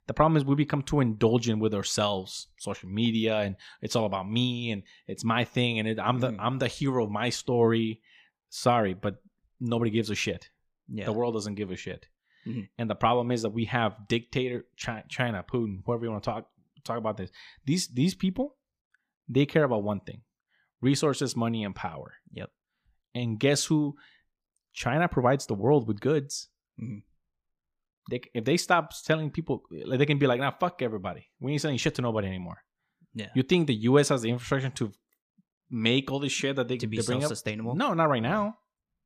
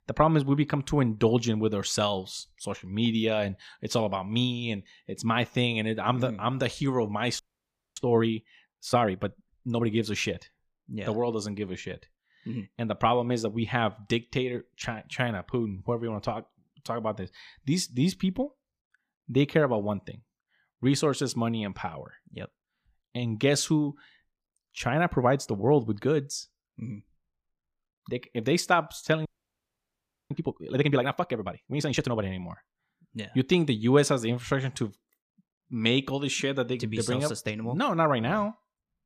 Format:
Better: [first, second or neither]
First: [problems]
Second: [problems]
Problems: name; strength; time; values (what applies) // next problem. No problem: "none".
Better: first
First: none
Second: audio freezing; at 7.5 s for 0.5 s and at 29 s for 1 s